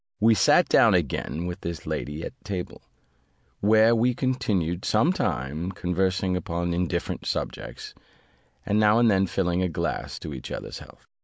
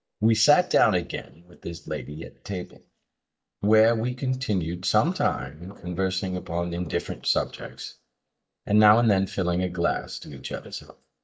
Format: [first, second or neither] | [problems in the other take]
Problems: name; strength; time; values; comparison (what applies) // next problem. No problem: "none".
first | noise reduction (neural mask model DeepFilterNet 3)